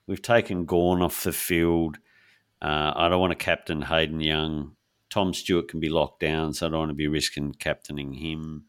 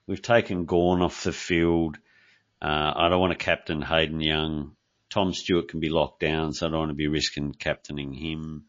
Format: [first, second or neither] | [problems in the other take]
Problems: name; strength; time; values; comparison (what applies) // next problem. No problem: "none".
first | garbled, watery; slightly; nothing above 7 kHz